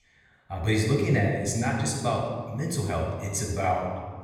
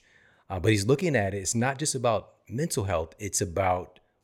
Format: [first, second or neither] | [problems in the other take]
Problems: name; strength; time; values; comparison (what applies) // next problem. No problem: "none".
second | off-mic speech; far // room echo; noticeable; dies away in 1.5 s